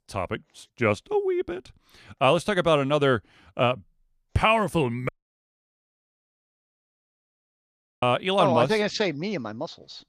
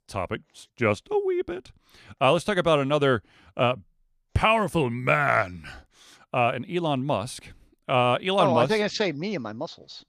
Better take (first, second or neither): second